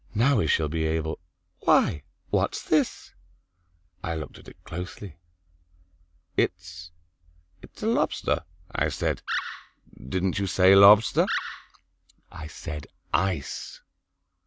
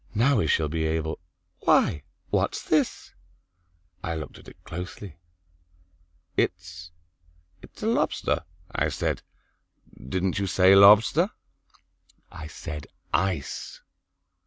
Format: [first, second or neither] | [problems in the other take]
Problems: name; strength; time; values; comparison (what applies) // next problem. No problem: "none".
second | background sound (Animal); 7 dB below the speech